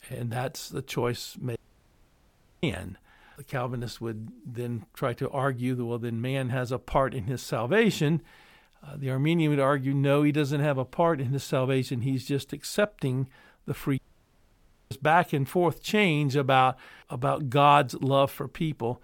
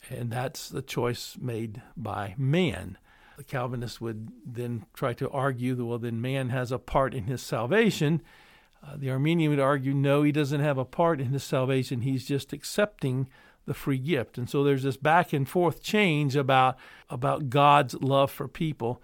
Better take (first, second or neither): second